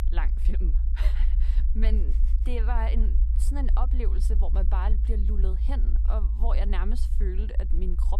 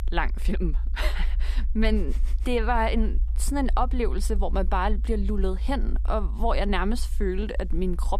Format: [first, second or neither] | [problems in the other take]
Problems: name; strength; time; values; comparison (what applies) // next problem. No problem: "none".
second | low rumble; loud; throughout; 9 dB below the speech; faint in the second